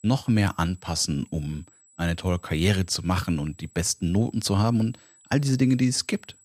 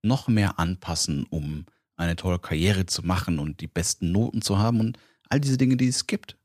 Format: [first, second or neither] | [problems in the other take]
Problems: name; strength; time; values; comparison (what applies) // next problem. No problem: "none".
second | high-pitched whine; faint; throughout; 8 kHz, 30 dB below the speech